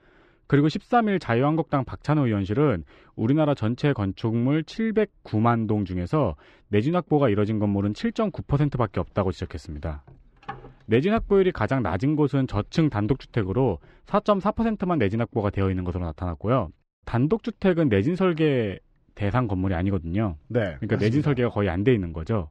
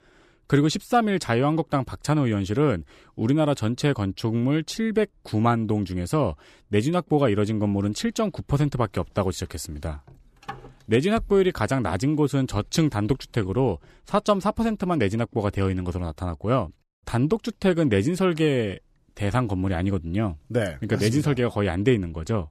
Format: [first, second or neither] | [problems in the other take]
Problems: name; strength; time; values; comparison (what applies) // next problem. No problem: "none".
second | muffled; slightly; fading above 3 kHz